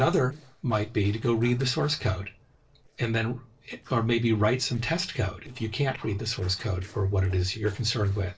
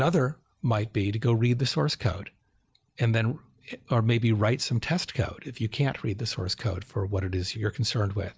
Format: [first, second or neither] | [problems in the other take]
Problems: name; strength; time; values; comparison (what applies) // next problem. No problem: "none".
second | noise reduction (neural separator model SepFormer DNS4)